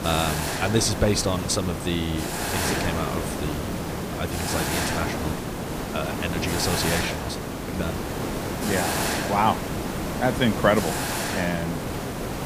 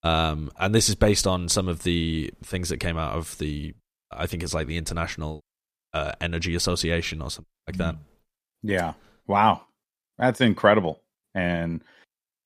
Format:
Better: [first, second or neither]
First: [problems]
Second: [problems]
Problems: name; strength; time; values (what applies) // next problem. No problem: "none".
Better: second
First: hiss; loud; throughout; 1 dB below the speech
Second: none